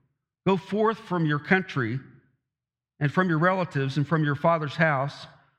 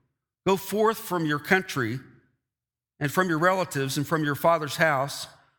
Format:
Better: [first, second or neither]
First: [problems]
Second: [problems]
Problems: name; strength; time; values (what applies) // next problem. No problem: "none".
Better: second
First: muffled; slightly; fading above 3 kHz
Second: none